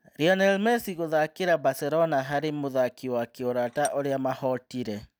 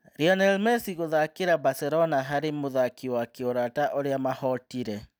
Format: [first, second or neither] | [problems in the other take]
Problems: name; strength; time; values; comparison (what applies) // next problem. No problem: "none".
second | background sound (Tools); 18 dB below the speech